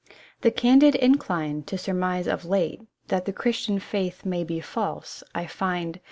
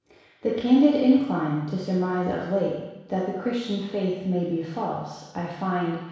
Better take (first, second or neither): first